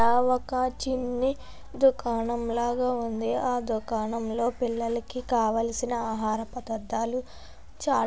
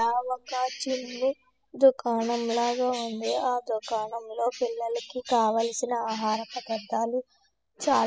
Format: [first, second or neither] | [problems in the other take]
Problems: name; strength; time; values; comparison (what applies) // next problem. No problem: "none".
first | noise reduction (classical method spectral subtraction)